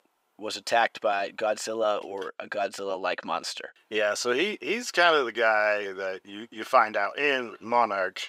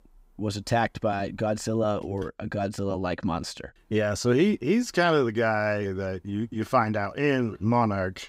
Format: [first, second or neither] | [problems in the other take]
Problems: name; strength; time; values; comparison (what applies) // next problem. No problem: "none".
second | thin; very; fading below 600 Hz